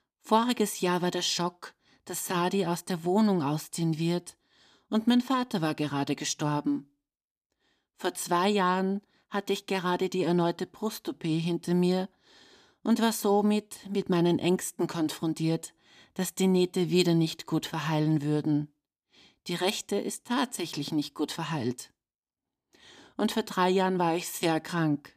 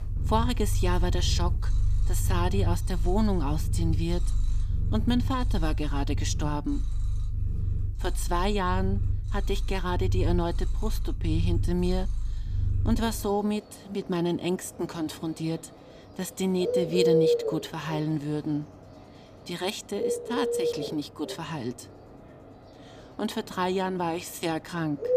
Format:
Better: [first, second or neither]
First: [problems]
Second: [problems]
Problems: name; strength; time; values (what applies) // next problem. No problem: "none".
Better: first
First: none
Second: animal sounds; very loud; throughout; 1 dB above the speech